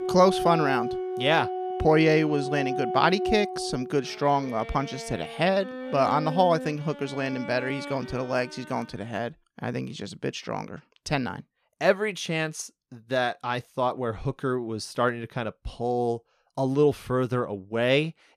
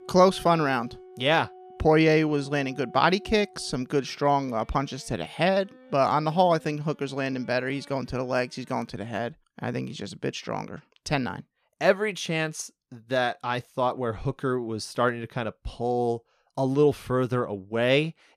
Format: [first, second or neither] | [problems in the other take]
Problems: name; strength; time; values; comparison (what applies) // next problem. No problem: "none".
second | background music; loud; until 8.5 s; 7 dB below the speech; faint in the second